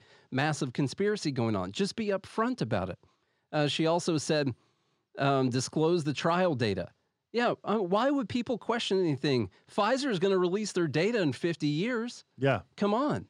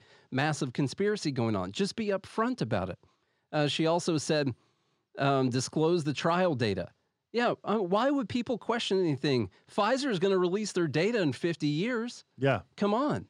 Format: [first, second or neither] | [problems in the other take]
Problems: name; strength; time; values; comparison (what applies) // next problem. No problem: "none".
neither | none